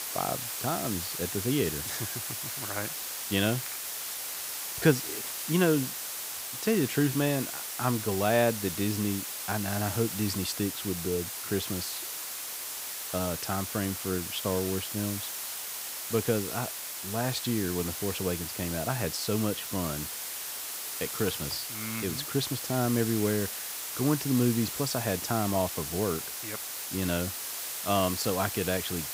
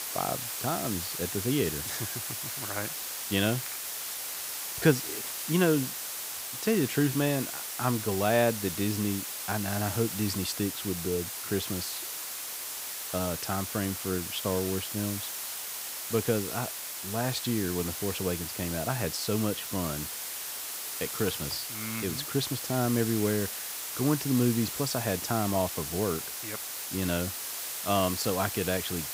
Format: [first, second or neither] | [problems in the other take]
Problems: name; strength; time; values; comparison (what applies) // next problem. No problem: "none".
neither | hiss; loud; throughout; 3 dB below the speech; the same in both